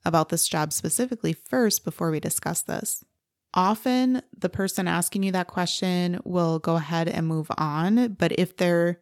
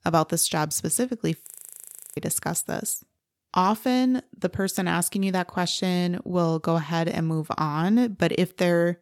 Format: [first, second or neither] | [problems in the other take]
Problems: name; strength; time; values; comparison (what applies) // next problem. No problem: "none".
first | audio freezing; at 1.5 s for 0.5 s